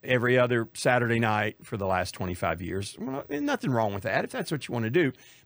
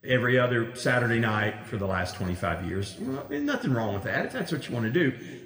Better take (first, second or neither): first